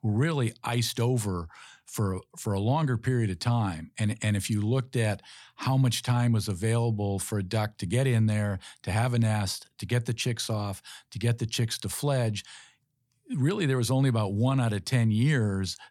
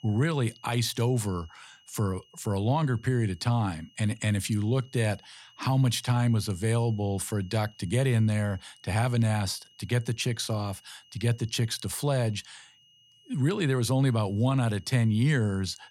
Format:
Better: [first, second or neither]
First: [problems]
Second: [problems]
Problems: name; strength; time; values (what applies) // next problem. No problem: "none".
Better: first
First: none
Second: high-pitched whine; faint; throughout; 3 kHz, 30 dB below the speech